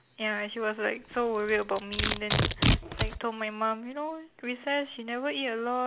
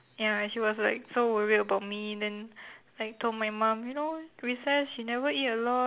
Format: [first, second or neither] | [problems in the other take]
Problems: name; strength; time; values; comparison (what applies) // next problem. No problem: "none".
second | background sound (Domestic sounds, home sounds); 2 dB below the speech